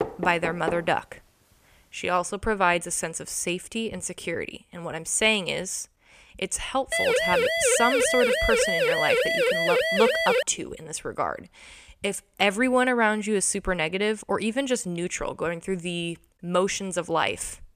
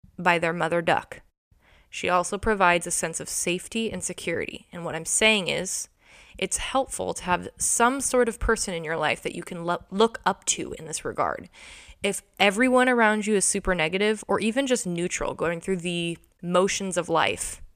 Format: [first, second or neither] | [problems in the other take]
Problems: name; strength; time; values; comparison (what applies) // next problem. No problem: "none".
second | door banging; noticeable; at the start; peak 5 dB below the speech // siren; loud; from 7 to 10 s; peak 4 dB above the speech